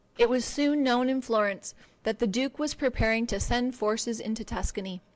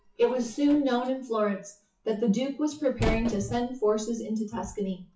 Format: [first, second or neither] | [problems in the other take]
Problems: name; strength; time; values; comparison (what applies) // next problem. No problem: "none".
first | noise reduction (classical method WPE with log-MMSE)